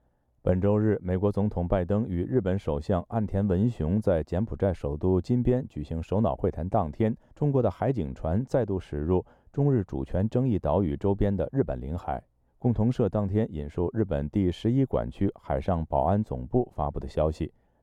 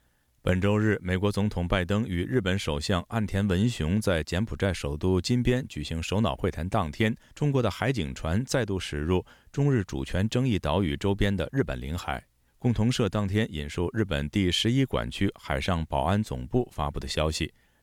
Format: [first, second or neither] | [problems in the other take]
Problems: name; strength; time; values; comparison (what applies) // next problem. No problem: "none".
second | muffled; very; fading above 1.5 kHz